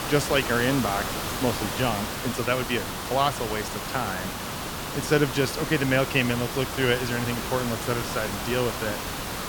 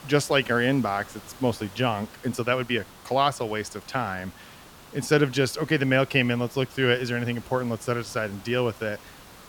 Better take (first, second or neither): second